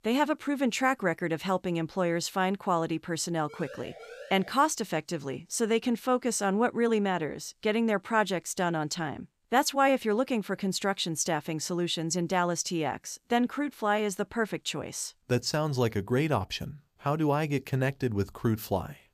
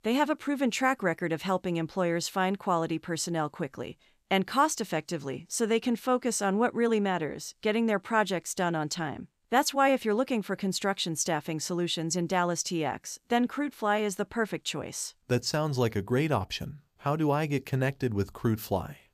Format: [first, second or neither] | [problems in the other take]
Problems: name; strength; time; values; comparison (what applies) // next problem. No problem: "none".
second | siren; faint; at 3.5 s; peak 15 dB below the speech